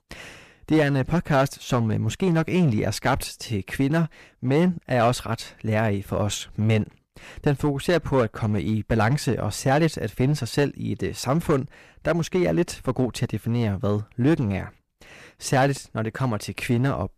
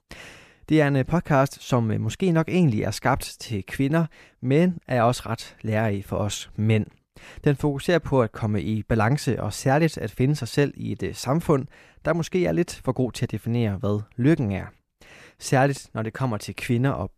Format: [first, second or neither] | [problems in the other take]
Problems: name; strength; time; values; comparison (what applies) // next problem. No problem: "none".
second | distortion; slight; 5% of the sound clipped